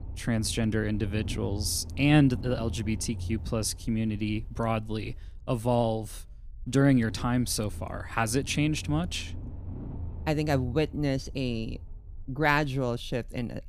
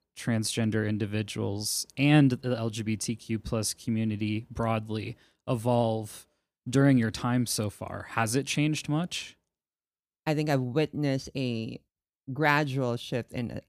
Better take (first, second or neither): second